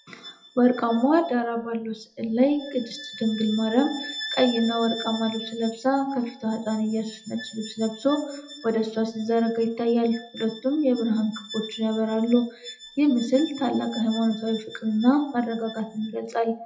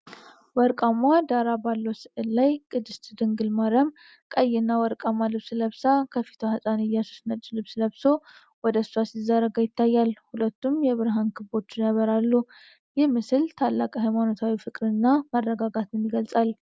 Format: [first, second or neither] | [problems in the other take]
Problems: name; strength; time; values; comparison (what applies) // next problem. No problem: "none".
second | noise reduction (classical method WPE with log-MMSE)